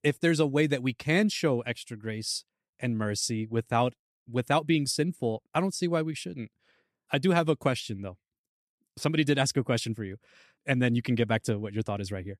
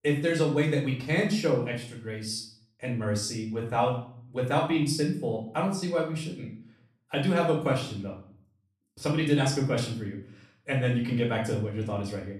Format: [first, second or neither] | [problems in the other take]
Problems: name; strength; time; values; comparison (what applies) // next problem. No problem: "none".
first | off-mic speech; far // room echo; slight; dies away in 0.5 s